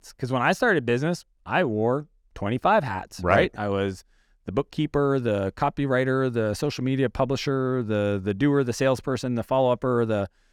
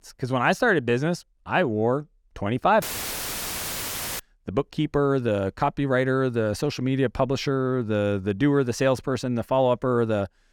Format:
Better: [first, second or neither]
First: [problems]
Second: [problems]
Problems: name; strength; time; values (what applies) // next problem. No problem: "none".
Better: first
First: none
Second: audio cutting out; filled with static; at 3 s for 1.5 s